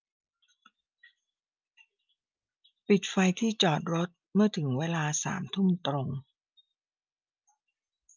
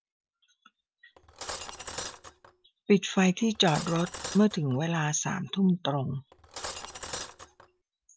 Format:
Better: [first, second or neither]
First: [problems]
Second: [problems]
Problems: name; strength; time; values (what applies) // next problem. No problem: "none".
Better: first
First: none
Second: background sound (Cutlery, silverware); 11 dB below the speech